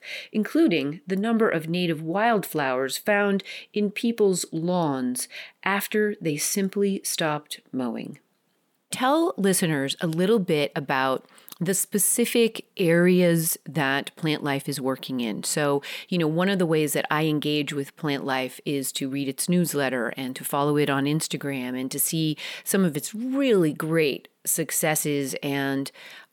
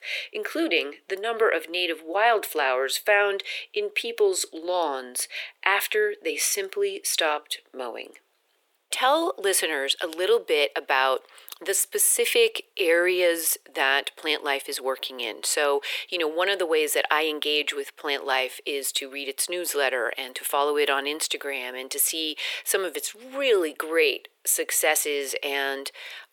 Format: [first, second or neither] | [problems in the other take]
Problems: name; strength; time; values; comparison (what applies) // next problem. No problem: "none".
first | thin; very; fading below 400 Hz